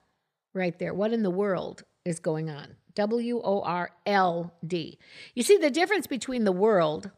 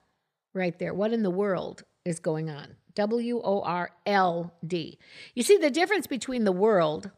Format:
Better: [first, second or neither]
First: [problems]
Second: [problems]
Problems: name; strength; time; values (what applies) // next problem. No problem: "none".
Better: neither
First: none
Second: none